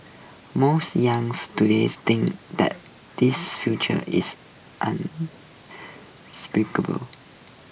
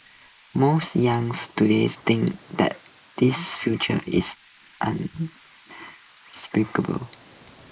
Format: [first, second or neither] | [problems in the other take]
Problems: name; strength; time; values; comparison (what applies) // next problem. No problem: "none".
first | noise reduction (neural mask model Resemble Enhance denoiser)